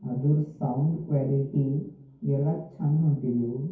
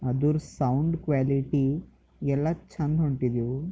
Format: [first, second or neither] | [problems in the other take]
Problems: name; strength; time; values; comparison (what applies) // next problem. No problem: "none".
second | room echo; dies away in 0.6 s